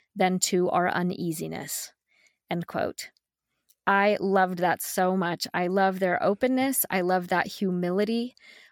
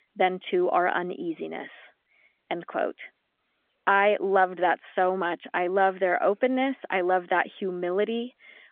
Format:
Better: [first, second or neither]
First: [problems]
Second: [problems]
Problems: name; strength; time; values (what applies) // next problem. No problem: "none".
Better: first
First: none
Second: phone-call audio; nothing above 3.5 kHz